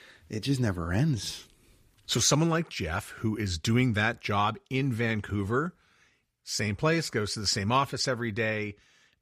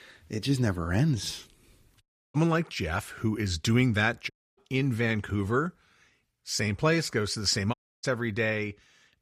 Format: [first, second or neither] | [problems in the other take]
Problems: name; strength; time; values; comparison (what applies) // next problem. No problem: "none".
first | audio cutting out; at 2 s, at 4.5 s and at 7.5 s